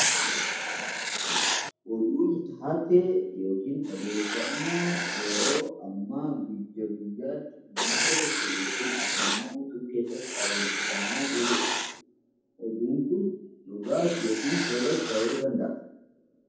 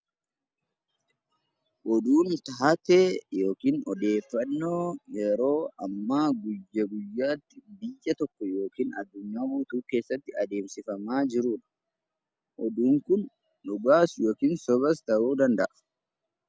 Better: second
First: background sound (Writing); 1 dB below the speech // room echo; dies away in 0.9 s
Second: none

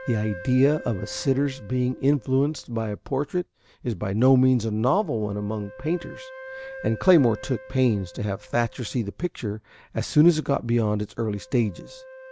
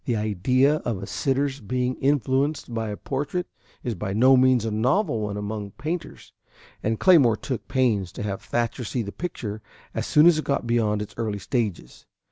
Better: second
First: background sound (Wind instrument, woodwind instrument); 20 dB below the speech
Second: none

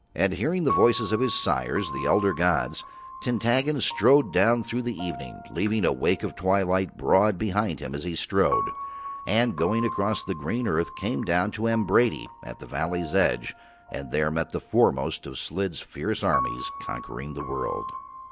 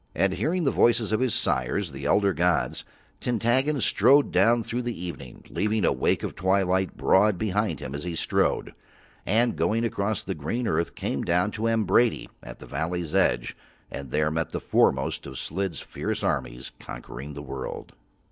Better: second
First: background sound (Piano); 11 dB below the speech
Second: none

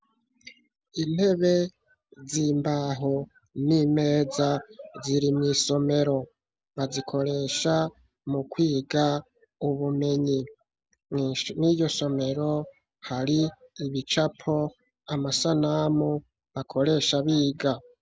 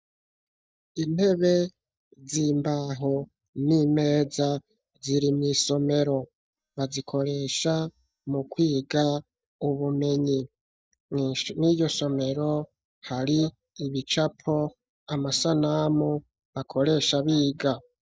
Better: first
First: none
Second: noise reduction (neural mask model DeepFilterNet 3)

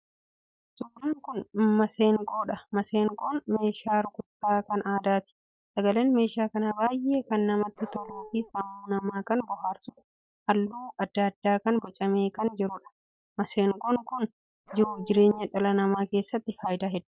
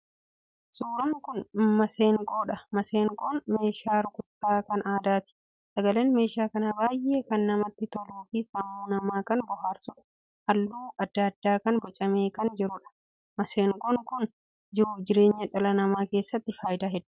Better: second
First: noise reduction (neural mask model DeepFilterNet 3)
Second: none

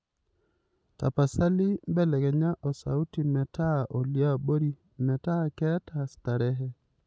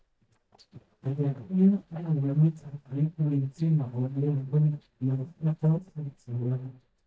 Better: first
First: none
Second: noise reduction (neural mask model DeepFilterNet 3)

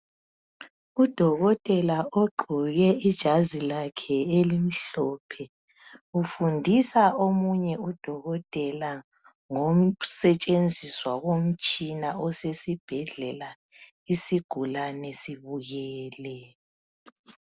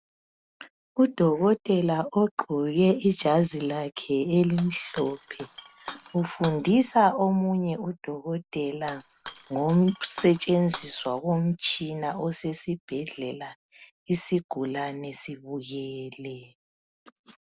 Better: first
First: none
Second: background sound (Shatter); 17 dB below the speech

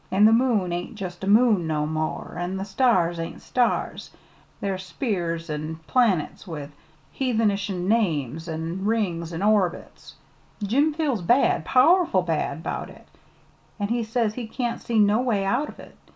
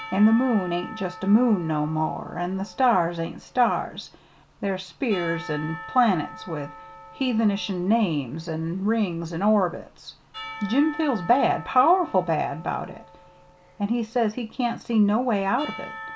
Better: first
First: none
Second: background sound (Church bell / Percussion); 17 dB below the speech

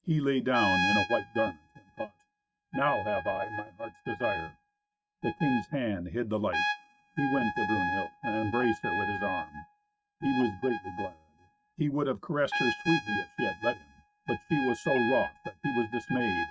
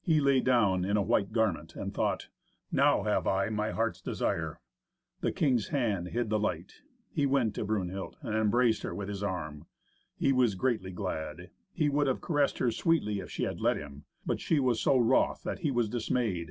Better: second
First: noise reduction (neural mask model RNNoise)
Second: none

